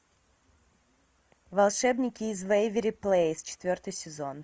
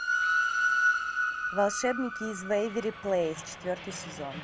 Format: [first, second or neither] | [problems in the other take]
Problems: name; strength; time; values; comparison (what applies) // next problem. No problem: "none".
first | background sound (Train); 2 dB above the speech